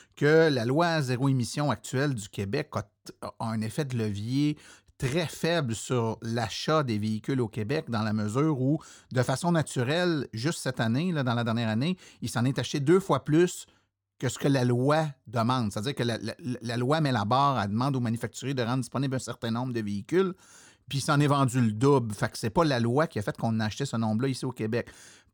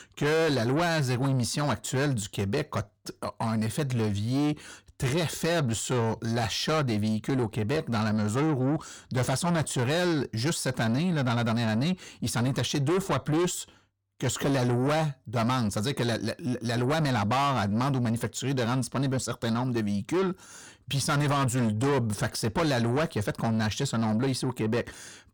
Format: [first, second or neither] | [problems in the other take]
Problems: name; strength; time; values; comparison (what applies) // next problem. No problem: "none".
first | distortion; heavy; 8 dB below the speech